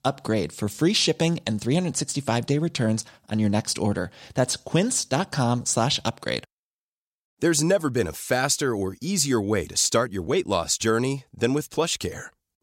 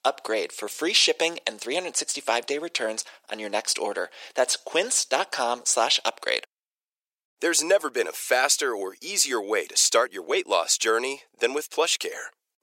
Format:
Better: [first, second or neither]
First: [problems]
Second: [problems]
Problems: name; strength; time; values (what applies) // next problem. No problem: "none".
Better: first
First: none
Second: thin; very; fading below 400 Hz